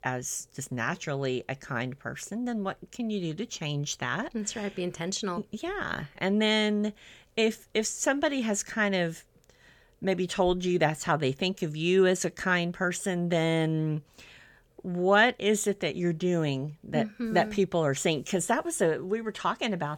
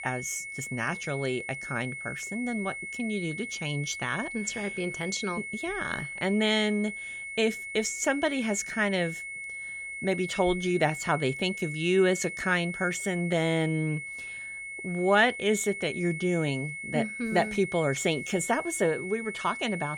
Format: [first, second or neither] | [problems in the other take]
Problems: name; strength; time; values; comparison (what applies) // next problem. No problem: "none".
first | high-pitched whine; loud; throughout; 2 kHz, 7 dB below the speech